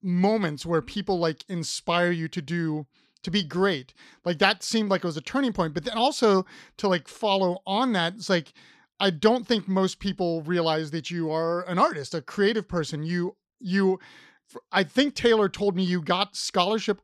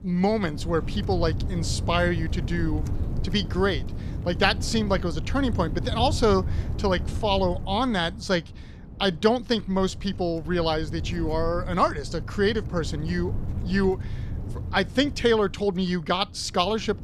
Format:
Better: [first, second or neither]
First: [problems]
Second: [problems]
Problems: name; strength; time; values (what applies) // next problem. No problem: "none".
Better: first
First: none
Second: wind noise on the microphone; occasional gusts; 20 dB below the speech